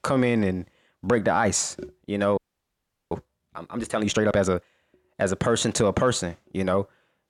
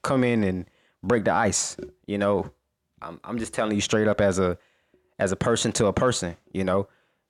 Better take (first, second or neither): second